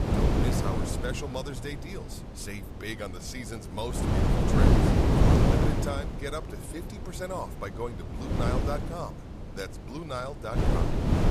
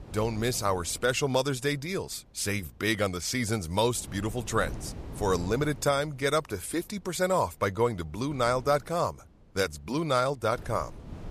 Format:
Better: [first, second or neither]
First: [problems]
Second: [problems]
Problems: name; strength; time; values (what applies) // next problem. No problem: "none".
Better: second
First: wind noise on the microphone; heavy; 5 dB above the speech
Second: wind noise on the microphone; occasional gusts; 20 dB below the speech